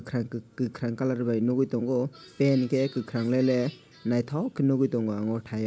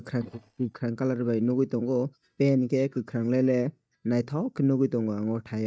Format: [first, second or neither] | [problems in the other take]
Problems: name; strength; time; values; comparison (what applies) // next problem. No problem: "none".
first | noise reduction (neural mask model DeepFilterNet 3)